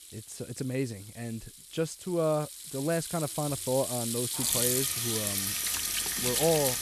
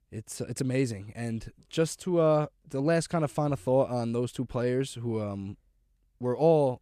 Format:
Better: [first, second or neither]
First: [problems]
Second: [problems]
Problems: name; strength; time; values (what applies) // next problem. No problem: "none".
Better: second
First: household noises; very loud; throughout; 3 dB above the speech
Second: none